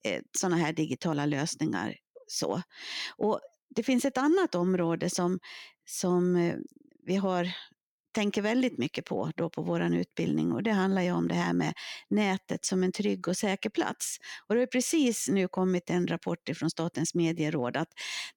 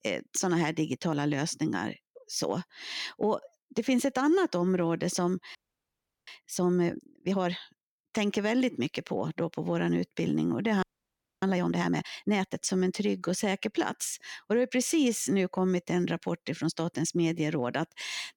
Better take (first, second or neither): first